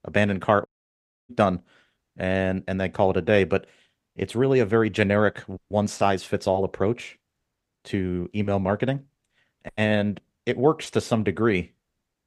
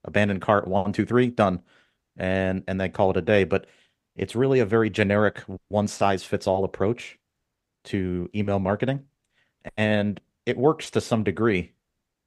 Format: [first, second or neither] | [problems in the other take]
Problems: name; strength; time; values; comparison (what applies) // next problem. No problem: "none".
second | audio cutting out; at 0.5 s for 0.5 s